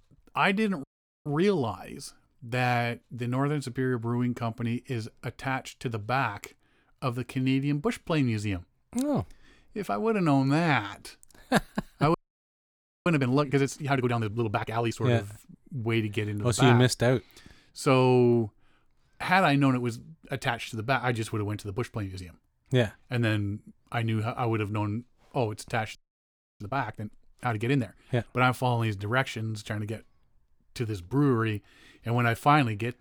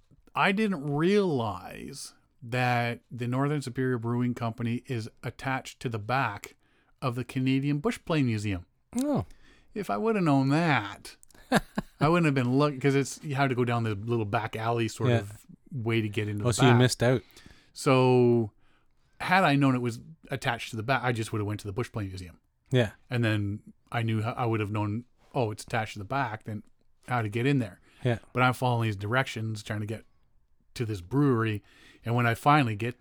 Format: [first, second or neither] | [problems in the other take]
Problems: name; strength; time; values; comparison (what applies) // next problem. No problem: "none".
second | audio freezing; at 1 s, at 12 s for 1 s and at 26 s for 0.5 s